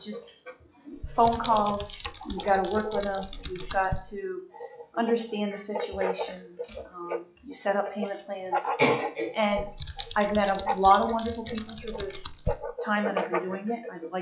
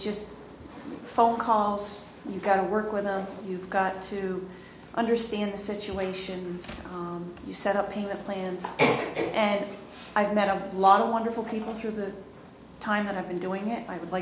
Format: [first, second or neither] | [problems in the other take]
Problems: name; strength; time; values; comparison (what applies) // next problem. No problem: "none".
second | noise reduction (classical method log-MMSE)